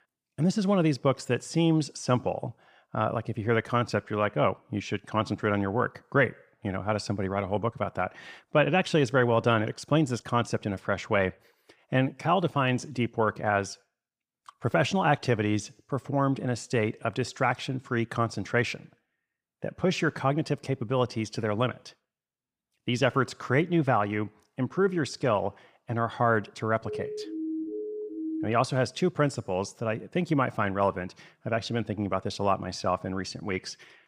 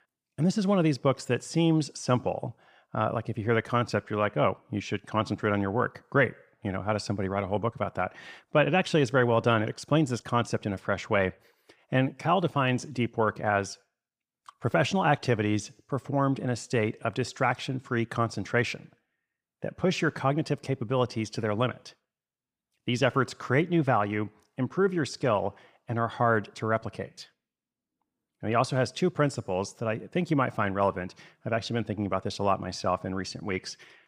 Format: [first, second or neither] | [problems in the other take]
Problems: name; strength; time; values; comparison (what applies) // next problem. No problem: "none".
second | siren; noticeable; from 27 to 28 s; peak 5 dB below the speech